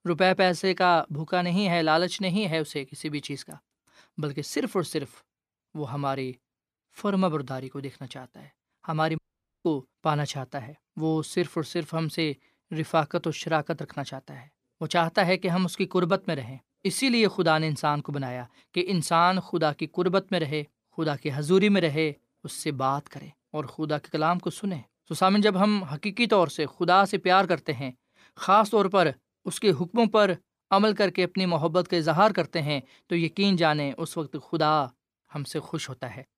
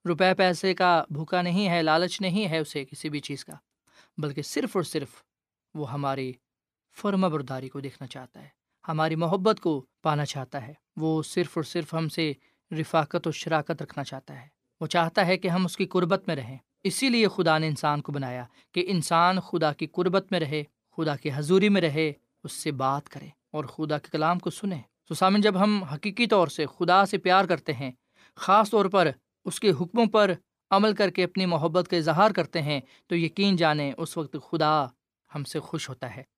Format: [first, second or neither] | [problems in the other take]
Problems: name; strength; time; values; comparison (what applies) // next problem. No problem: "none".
second | audio cutting out; at 9 s